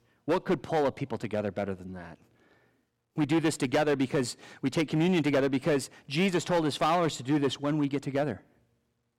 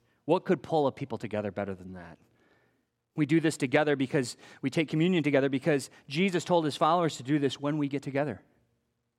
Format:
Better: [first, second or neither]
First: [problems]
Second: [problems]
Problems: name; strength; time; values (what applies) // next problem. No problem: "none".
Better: second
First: distortion; slight; 7% of the sound clipped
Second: none